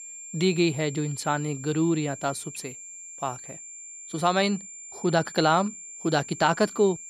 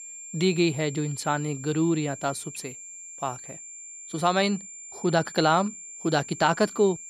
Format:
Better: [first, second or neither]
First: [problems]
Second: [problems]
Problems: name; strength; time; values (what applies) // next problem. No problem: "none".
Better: neither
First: high-pitched whine; noticeable; throughout; 7.5 kHz, 15 dB below the speech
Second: high-pitched whine; noticeable; throughout; 7.5 kHz, 15 dB below the speech